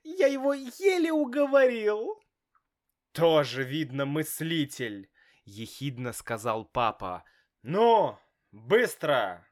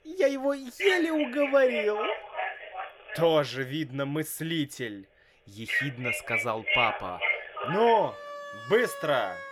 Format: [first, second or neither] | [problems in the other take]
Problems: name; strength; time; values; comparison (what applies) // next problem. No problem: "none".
first | alarms or sirens; loud; throughout; 4 dB below the speech